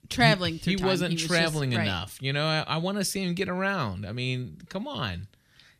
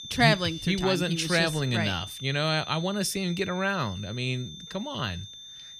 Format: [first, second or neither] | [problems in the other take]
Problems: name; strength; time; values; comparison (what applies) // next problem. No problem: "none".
first | high-pitched whine; noticeable; throughout; 3.5 kHz, 10 dB below the speech